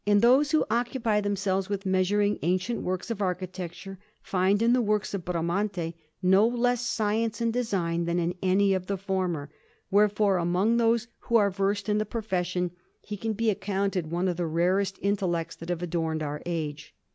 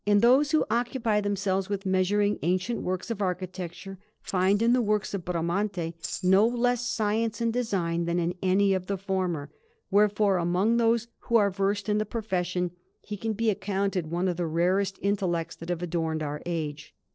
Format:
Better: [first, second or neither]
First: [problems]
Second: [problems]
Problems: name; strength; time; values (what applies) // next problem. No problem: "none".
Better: first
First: none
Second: noise reduction (neural separator model SepFormer DNS4)